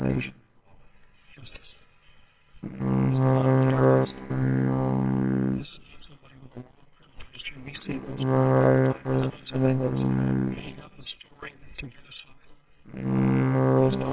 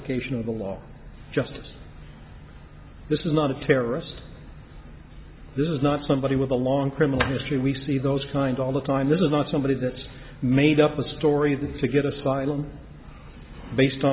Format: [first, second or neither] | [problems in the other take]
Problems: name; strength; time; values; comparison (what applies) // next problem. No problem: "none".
second | noise reduction (neural separator model SepFormer WHAMR!)